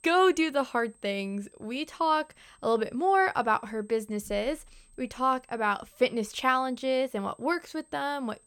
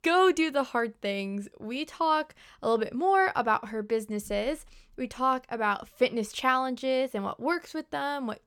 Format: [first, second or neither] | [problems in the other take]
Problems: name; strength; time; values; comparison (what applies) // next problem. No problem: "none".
second | high-pitched whine; faint; throughout; 8.5 kHz, 30 dB below the speech